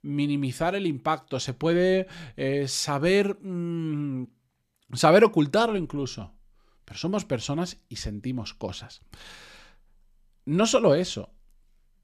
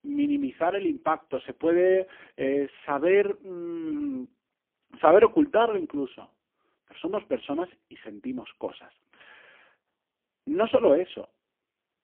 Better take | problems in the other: first | phone-call audio; poor line; nothing above 3.5 kHz

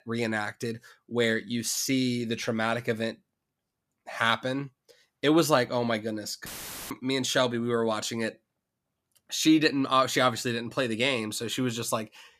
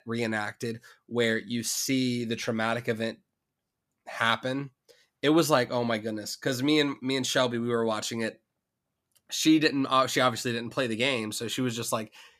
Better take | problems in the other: second | audio cutting out; filled with static; at 6.5 s

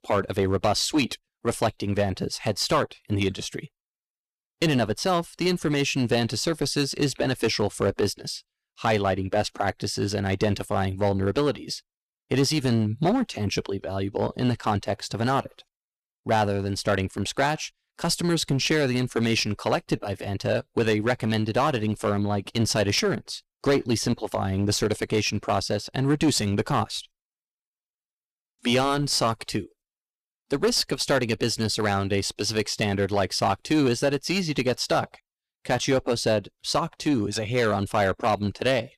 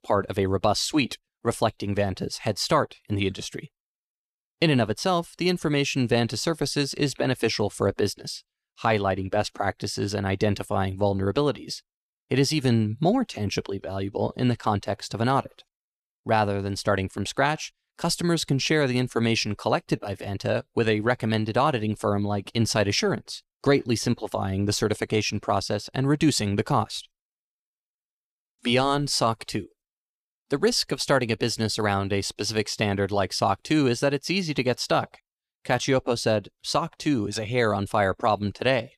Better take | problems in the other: second | distortion; slight; 5% of the sound clipped

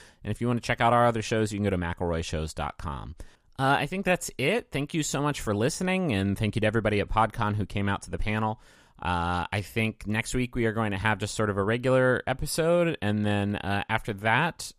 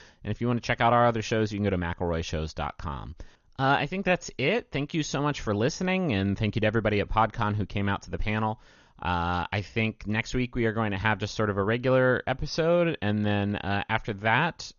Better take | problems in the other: first | garbled, watery; slightly; nothing above 6.5 kHz

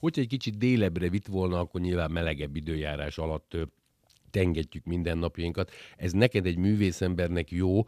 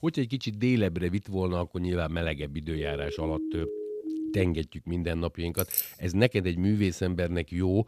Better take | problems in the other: first | siren; noticeable; from 3 to 4.5 s; peak 3 dB below the speech // jangling keys; loud; at 5.5 s; peak 1 dB above the speech

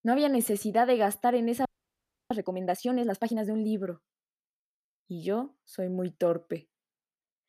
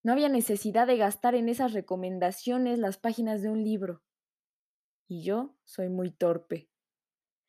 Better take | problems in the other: second | audio freezing; at 1.5 s for 0.5 s

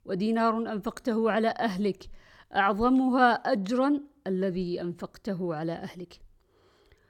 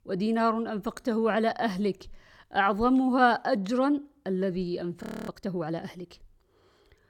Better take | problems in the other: first | audio freezing; at 5 s

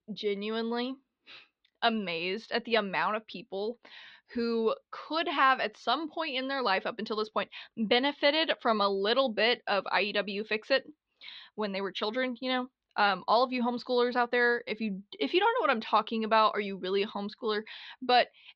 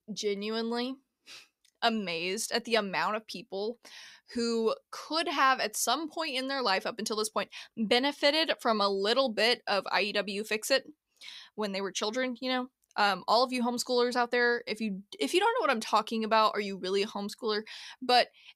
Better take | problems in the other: second | muffled; very slightly; fading above 4 kHz

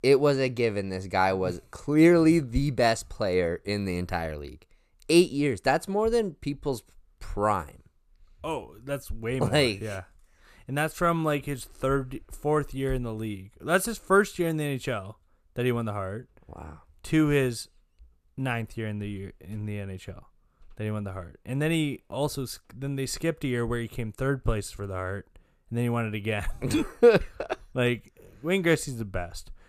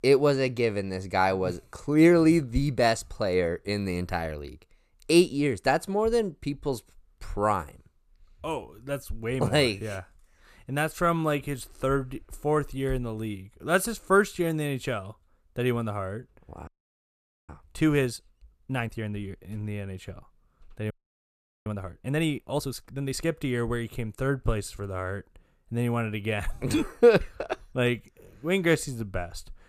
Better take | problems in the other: first | audio freezing; at 17 s for 1 s and at 21 s for 1 s

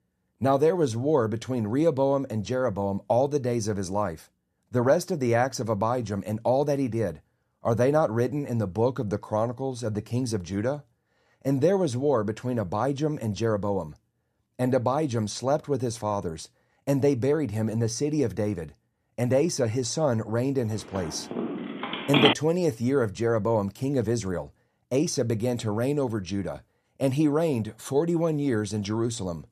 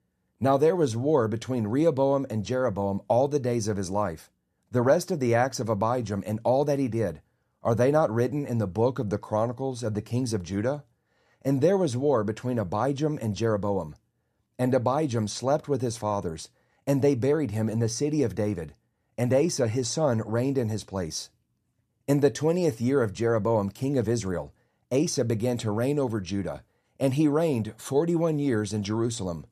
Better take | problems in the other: second | phone ringing; loud; from 21 to 22 s; peak 5 dB above the speech

